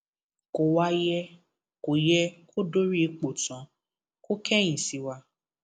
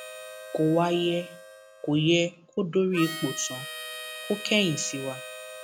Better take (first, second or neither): first